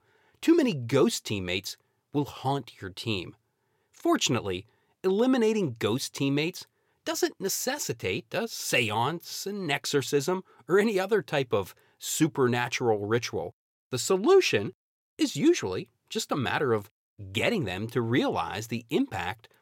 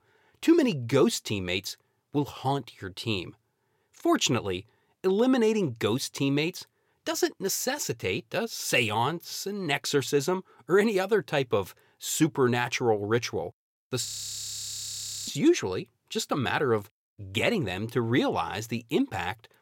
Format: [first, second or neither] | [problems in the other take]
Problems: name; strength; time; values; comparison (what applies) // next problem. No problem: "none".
first | audio freezing; at 14 s for 1 s